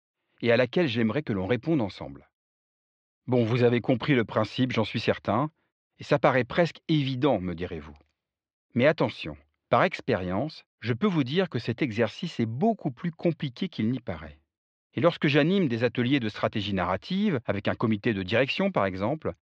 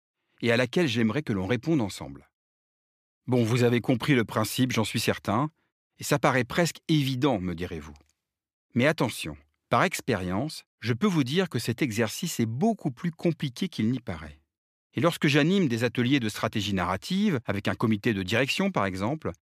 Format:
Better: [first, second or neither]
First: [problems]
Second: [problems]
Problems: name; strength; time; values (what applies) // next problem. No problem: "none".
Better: second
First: muffled; slightly; fading above 4.5 kHz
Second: none